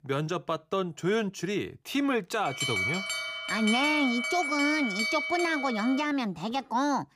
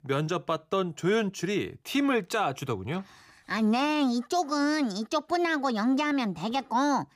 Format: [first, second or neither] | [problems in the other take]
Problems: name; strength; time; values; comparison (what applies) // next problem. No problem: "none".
second | alarm; loud; from 2.5 to 6 s; peak 3 dB above the speech